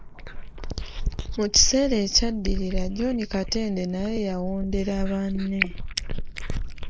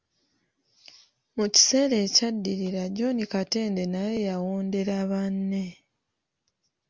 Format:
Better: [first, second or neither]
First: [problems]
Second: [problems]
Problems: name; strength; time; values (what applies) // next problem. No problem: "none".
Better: second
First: noise reduction (neural mask model Resemble Enhance denoiser)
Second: none